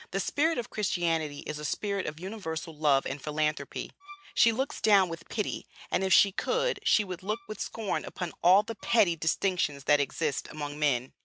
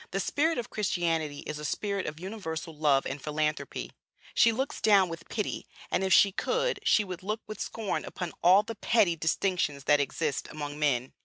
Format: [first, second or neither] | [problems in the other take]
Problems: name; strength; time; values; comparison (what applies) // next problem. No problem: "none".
second | background sound (Bowed string instrument); 20 dB below the speech